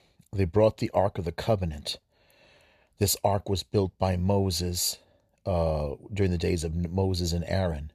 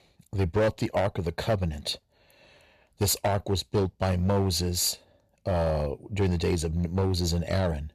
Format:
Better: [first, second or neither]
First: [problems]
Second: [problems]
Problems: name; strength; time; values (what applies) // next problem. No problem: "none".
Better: first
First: none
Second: distortion; slight; 6% of the sound clipped